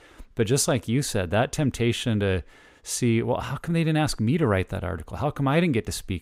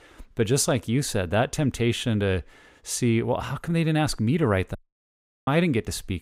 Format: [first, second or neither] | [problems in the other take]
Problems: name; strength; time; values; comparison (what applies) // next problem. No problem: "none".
first | audio cutting out; at 5 s for 0.5 s